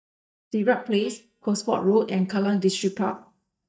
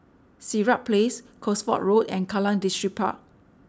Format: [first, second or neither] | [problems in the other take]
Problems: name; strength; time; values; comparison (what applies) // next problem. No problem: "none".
second | noise reduction (neural mask model DeepFilterNet 3)